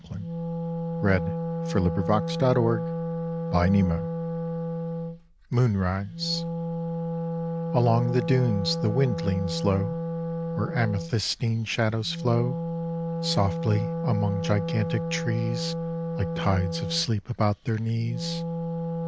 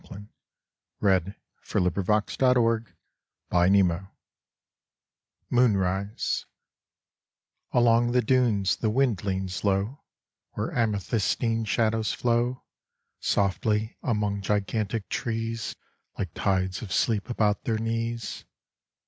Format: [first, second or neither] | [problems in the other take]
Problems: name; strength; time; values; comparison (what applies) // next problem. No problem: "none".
second | background sound (Wind instrument, woodwind instrument); 3 dB below the speech